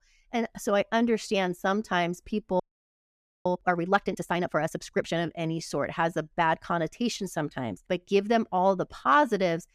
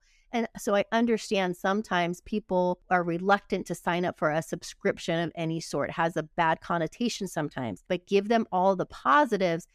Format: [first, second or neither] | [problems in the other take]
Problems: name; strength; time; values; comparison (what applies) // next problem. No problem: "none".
second | audio freezing; at 2.5 s for 1 s